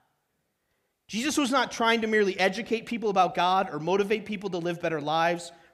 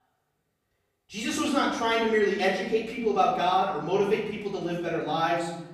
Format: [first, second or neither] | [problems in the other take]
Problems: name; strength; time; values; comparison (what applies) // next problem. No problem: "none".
first | room echo; noticeable; dies away in 1.2 s // off-mic speech; far